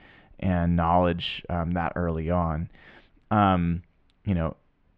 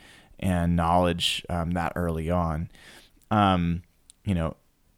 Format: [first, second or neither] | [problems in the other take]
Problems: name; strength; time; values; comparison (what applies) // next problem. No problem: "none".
second | muffled; very; fading above 2.5 kHz